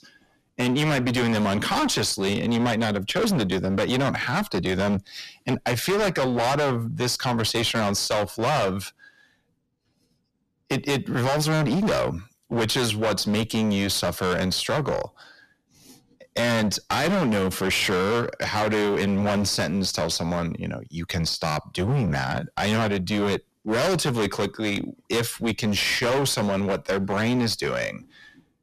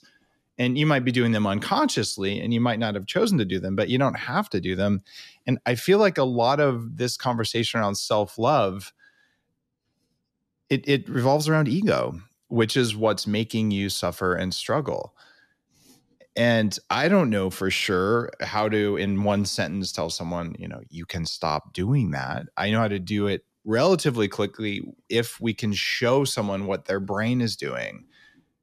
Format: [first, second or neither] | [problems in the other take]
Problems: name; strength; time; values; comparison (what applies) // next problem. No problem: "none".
second | distortion; heavy; 25% of the sound clipped